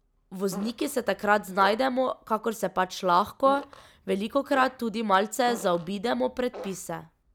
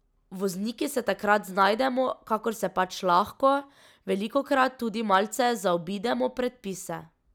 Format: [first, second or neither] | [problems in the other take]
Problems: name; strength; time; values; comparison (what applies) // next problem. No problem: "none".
second | background sound (Fart); 18 dB below the speech